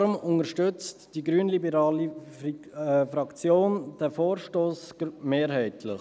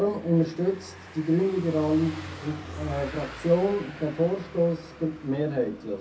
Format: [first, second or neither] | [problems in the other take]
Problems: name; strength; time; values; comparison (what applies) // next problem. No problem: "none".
first | background sound (Car passing by / Engine); 15 dB below the speech // room echo; dies away in 0.3 s